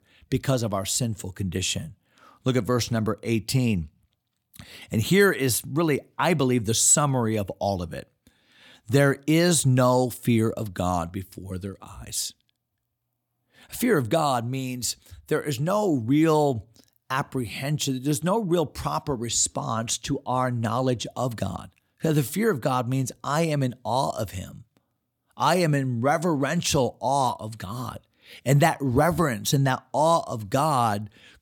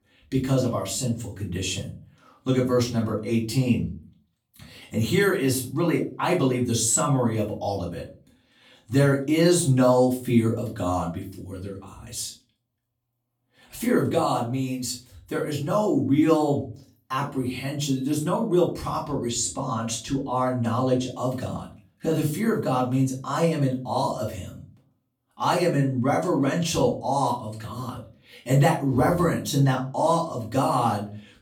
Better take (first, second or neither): first